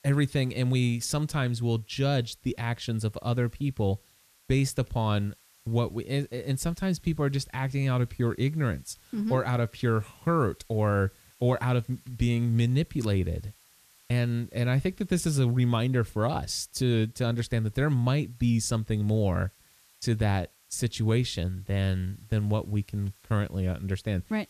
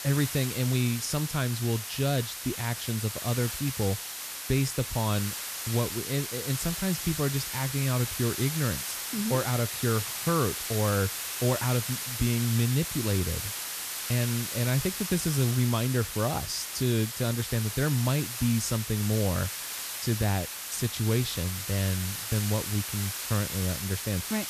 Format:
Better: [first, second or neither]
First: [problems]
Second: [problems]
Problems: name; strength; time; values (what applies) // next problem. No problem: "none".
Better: first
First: hiss; faint; throughout; 30 dB below the speech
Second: hiss; loud; throughout; 4 dB below the speech